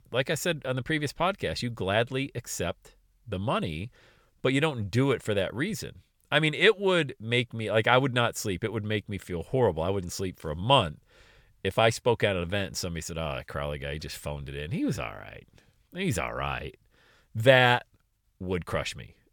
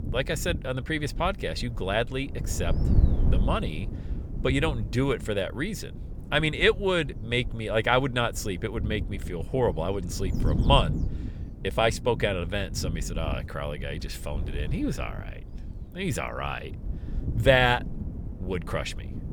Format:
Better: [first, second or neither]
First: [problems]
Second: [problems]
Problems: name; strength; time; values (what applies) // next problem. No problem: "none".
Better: first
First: none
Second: wind noise on the microphone; occasional gusts; 15 dB below the speech